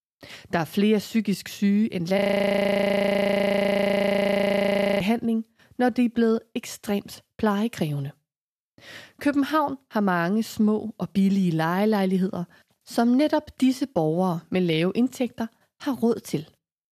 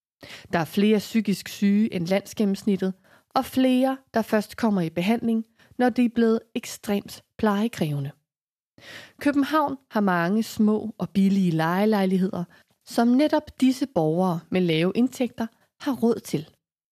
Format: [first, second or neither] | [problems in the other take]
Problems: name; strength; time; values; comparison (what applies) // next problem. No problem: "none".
second | audio freezing; at 2 s for 3 s